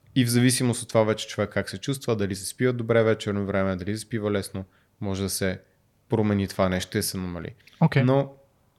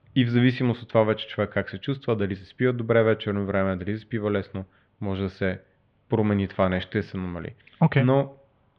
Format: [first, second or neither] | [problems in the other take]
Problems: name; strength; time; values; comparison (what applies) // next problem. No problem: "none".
first | muffled; very; fading above 3.5 kHz